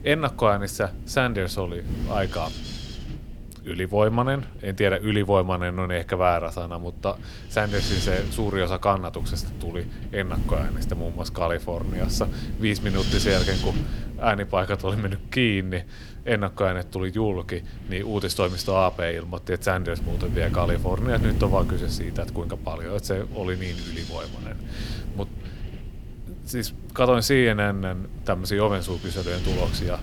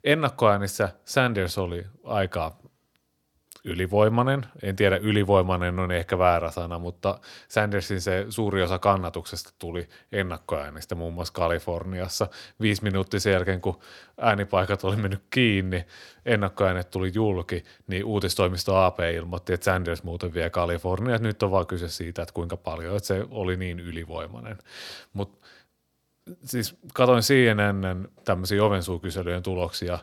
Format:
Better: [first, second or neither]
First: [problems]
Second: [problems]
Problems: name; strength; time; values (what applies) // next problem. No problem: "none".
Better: second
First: wind noise on the microphone; occasional gusts; 10 dB below the speech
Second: none